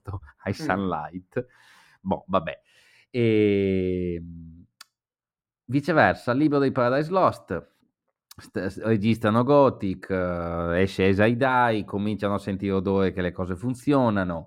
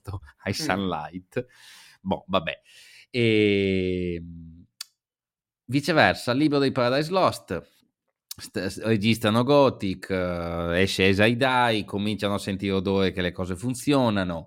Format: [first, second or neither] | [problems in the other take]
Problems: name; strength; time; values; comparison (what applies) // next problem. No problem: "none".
second | muffled; slightly; fading above 2 kHz